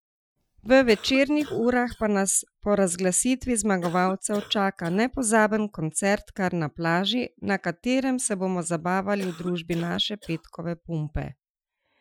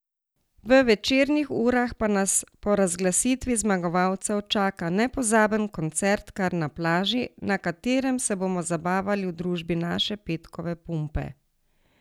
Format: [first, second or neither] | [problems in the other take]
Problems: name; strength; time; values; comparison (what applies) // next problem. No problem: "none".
second | noise reduction (classical method Wiener filter)